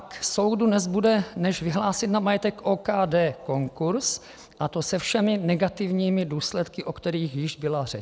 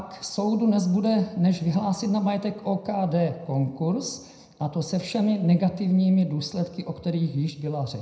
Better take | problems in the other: first | room echo; dies away in 0.7 s

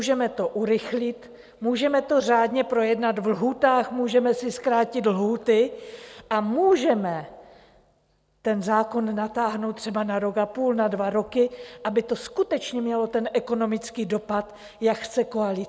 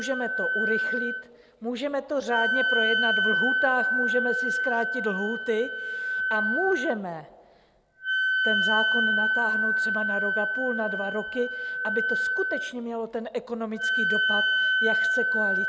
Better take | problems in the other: first | background sound (Wind instrument, woodwind instrument); 4 dB above the speech

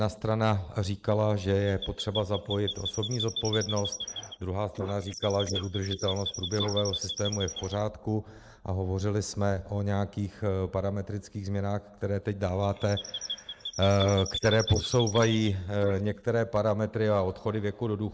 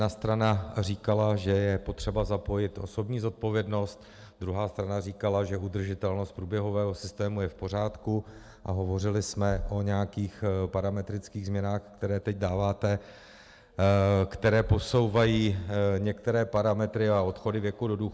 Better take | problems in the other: second | noise reduction (neural mask model Resemble Enhance denoiser)

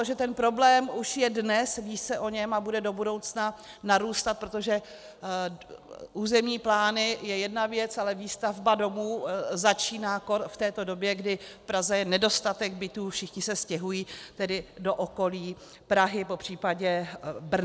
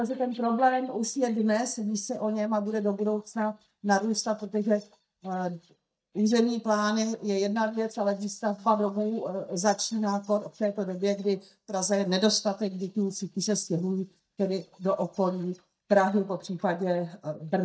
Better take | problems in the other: first | noise reduction (neural mask model DeepFilterNet 3)

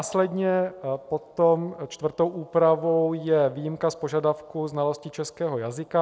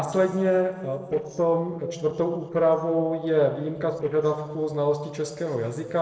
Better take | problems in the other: first | noise reduction (neural separator model SepFormer DNS4)

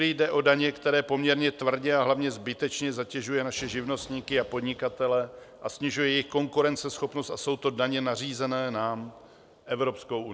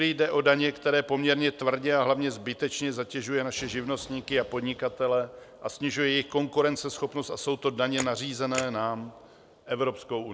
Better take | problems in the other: first | background sound (Camera); 13 dB below the speech

